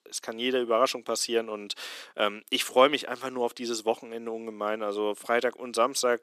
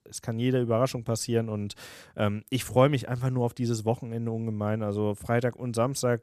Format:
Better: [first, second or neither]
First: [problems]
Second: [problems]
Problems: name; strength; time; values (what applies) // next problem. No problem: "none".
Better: second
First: thin; somewhat; fading below 300 Hz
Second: none